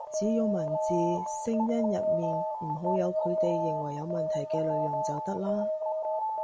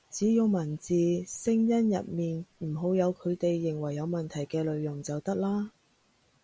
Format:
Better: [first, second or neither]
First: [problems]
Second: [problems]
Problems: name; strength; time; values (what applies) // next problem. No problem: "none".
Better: second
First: background sound (Alarm); 2 dB above the speech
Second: none